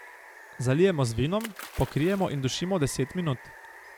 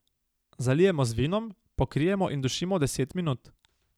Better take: second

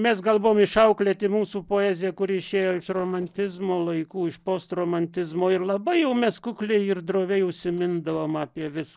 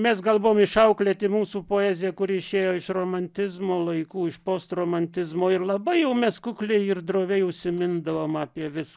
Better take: second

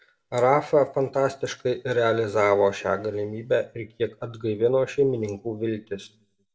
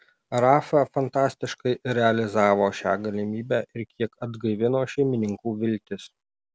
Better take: second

